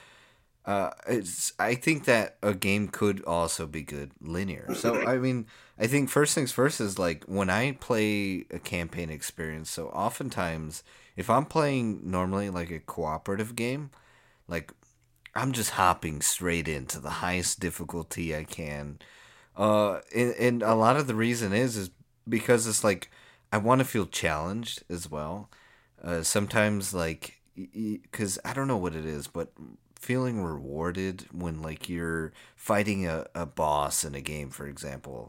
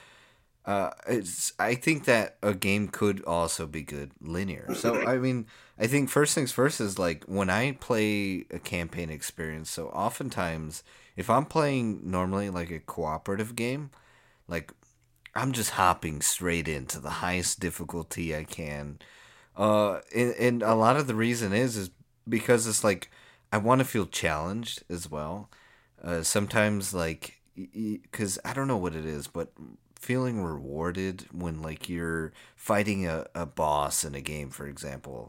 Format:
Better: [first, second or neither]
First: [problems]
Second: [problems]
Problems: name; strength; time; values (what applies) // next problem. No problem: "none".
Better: neither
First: none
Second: none